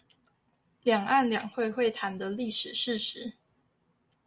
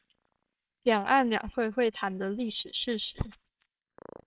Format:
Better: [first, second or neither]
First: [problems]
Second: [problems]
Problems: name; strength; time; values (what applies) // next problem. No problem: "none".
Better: first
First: none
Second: noise reduction (neural separator model SepFormer WHAMR!)